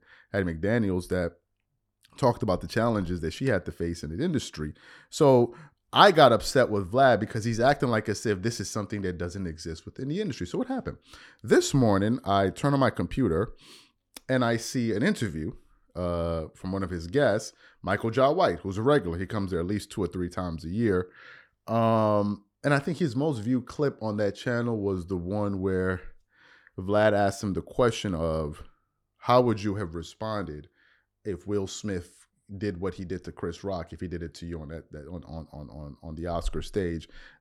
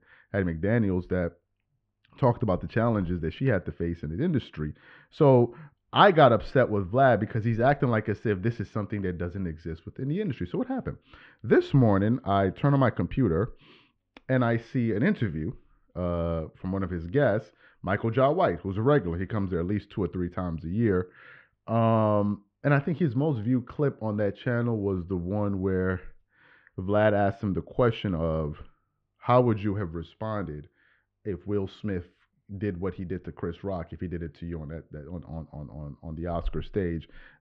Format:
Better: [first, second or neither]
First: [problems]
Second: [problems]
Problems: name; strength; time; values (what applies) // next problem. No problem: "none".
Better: first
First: none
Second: muffled; very; fading above 3 kHz